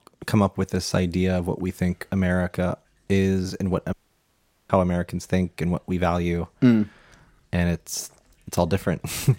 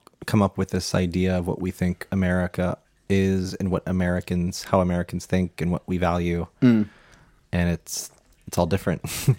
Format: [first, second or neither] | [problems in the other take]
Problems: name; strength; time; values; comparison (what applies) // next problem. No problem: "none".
second | audio cutting out; at 4 s for 1 s